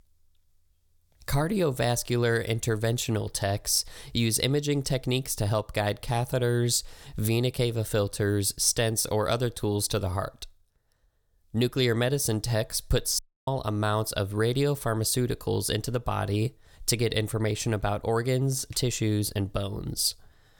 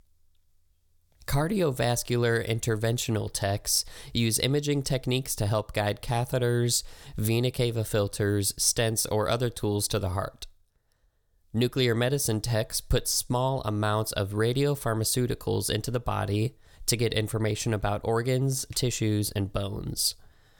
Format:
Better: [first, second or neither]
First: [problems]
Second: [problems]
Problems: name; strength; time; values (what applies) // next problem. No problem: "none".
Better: second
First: audio cutting out; at 13 s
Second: none